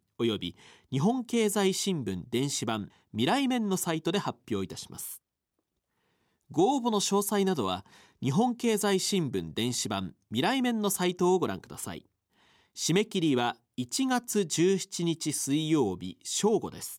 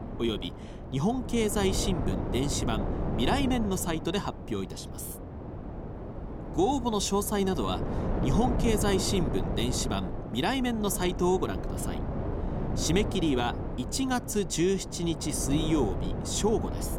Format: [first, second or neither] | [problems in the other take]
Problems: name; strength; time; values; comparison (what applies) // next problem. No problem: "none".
first | wind noise on the microphone; heavy; 8 dB below the speech